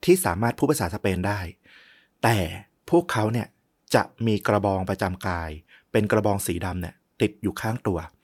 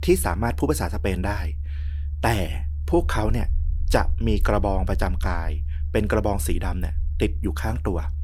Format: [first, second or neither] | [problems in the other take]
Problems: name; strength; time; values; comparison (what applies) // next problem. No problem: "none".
first | low rumble; faint; throughout; 20 dB below the speech